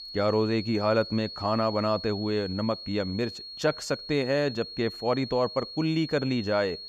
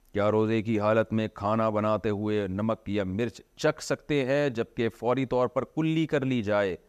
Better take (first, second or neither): second